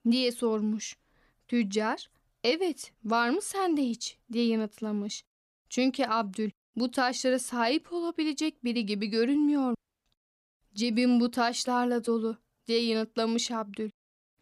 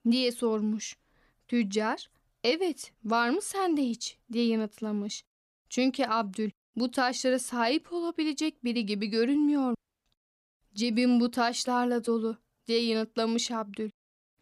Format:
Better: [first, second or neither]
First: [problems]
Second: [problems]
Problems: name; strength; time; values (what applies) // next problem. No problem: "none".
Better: neither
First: audio cutting out; at 10 s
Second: audio cutting out; at 10 s